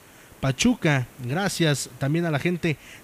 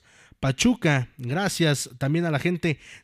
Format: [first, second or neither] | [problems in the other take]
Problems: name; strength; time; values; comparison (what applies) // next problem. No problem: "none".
second | hiss; faint; throughout; 25 dB below the speech